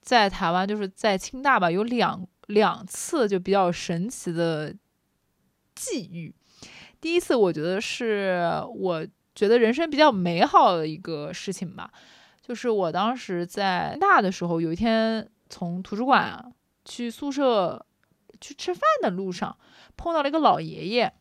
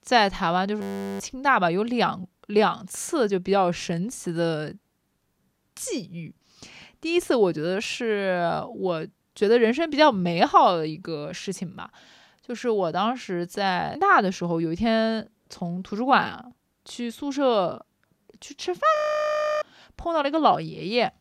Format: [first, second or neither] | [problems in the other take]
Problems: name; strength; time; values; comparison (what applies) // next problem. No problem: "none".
first | audio freezing; at 1 s and at 19 s for 0.5 s